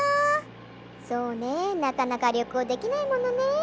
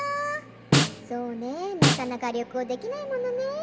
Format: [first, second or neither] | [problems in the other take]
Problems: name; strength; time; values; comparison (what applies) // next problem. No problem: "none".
first | background sound (Snare drum); 4 dB above the speech // room echo; dies away in 1.6 s